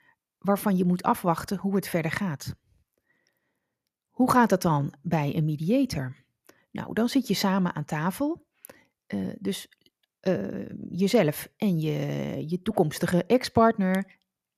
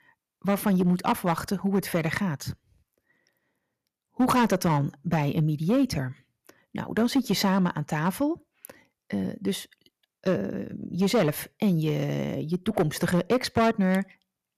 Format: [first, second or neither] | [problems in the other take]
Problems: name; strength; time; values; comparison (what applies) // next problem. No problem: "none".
first | distortion; slight; 4% of the sound clipped